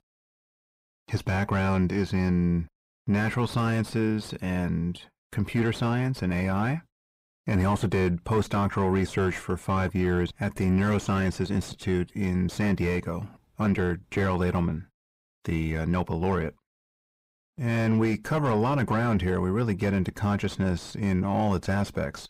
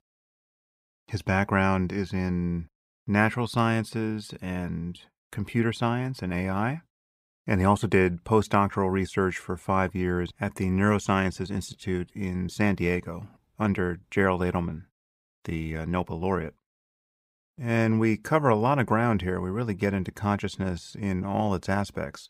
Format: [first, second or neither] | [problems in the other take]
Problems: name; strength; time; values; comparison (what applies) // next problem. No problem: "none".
second | distortion; heavy; 6 dB below the speech